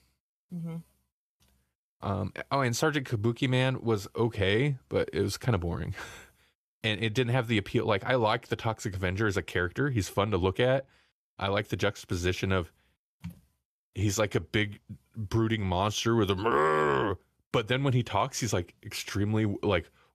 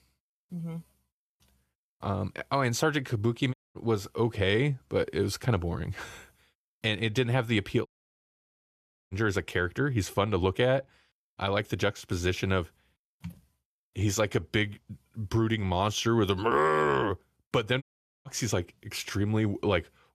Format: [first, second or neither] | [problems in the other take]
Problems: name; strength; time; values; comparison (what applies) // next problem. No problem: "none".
first | audio cutting out; at 3.5 s, at 8 s for 1 s and at 18 s